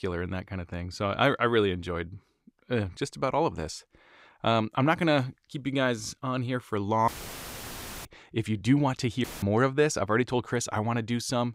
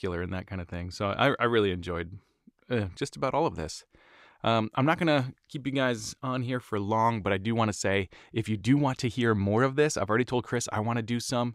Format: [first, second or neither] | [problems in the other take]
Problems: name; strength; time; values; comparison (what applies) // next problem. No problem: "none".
second | audio cutting out; filled with static; at 7 s for 1 s and at 9 s